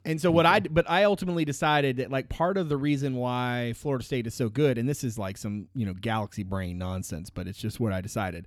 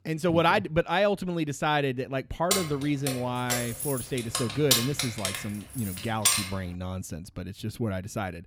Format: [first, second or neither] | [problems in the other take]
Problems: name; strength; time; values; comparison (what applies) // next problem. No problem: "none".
first | jangling keys; loud; from 2.5 to 6.5 s; peak 6 dB above the speech